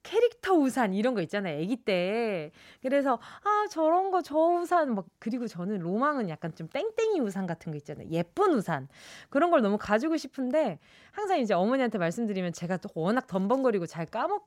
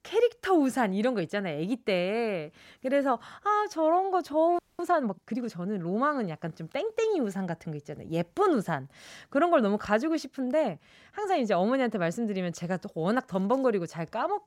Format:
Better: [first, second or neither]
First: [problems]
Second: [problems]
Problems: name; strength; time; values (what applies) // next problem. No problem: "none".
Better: first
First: none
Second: audio freezing; at 4.5 s